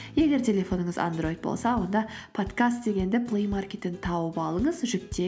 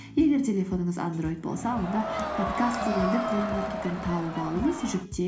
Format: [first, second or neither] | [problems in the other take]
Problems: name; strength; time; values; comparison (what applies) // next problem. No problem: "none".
first | background sound (Crowd); 4 dB below the speech // room echo; dies away in 0.4 s